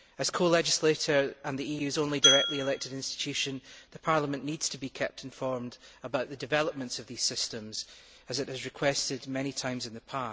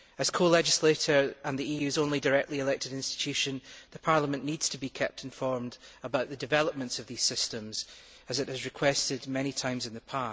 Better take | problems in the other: second | background sound (Glass); 2 dB above the speech

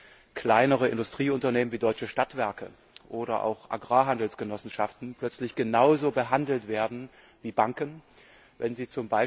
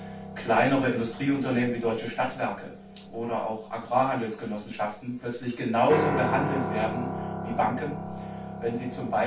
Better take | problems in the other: first | background sound (Piano); 7 dB below the speech // room echo; dies away in 0.2 s

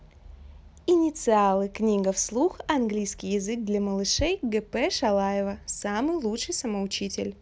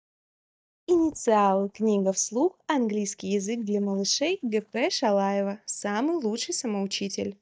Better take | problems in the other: first | noise reduction (neural mask model DeepFilterNet 3)

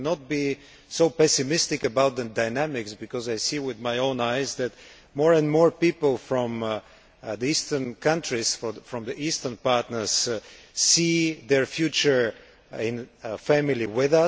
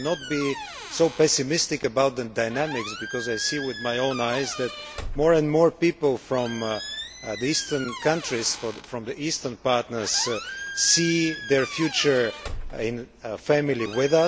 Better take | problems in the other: first | background sound (Squeak); 12 dB below the speech

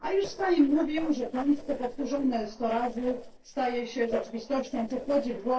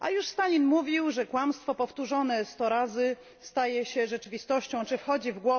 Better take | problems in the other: second | noise reduction (neural separator model SepFormer DNS4)

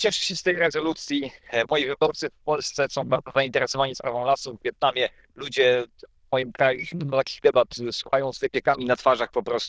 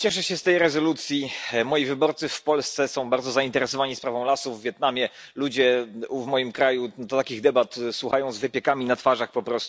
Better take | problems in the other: second | noise reduction (neural diffusion model UNIVERSE++)

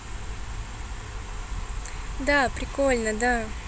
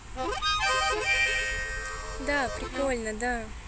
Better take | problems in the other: first | background sound (Harmonica); 3 dB above the speech

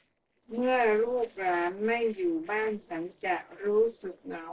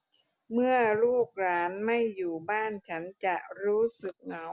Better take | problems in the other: second | noise reduction (neural separator model SepFormer DNS4)

